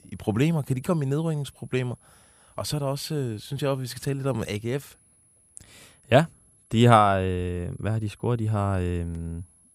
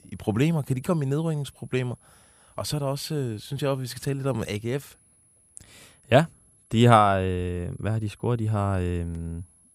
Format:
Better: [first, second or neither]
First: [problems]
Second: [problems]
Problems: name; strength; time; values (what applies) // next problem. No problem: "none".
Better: neither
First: high-pitched whine; faint; throughout; 11 kHz, 30 dB below the speech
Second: high-pitched whine; faint; throughout; 11 kHz, 30 dB below the speech